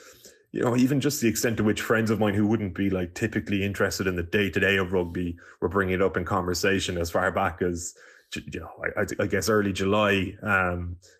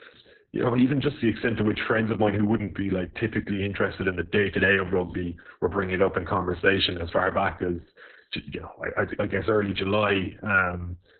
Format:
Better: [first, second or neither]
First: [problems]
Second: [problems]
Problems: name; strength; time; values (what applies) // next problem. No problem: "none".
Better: first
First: garbled, watery; slightly; nothing above 14.5 kHz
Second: garbled, watery; badly; nothing above 4 kHz